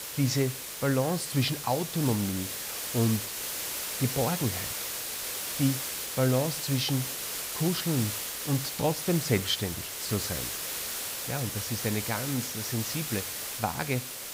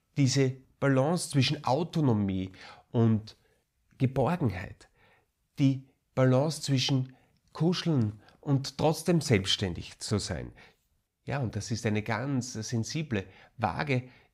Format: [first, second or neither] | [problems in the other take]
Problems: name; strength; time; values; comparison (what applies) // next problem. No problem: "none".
second | hiss; loud; throughout; 2 dB below the speech